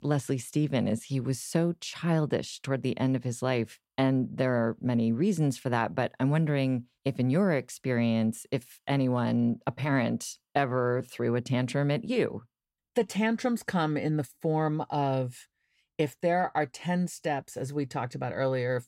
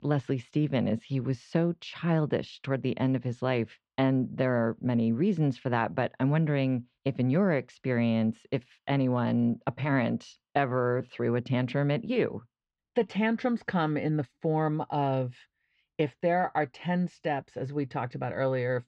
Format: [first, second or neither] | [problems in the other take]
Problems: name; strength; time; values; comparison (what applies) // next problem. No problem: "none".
first | muffled; slightly; fading above 3.5 kHz